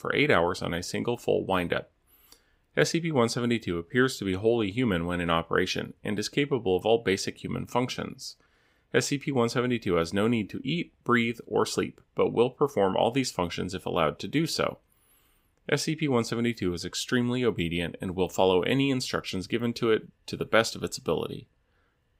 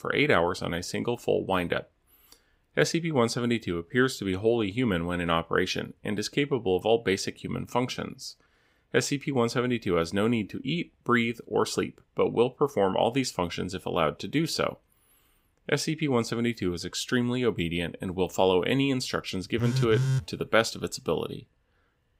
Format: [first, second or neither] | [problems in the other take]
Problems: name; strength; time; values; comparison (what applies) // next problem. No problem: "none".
first | phone ringing; loud; at 20 s; peak 1 dB above the speech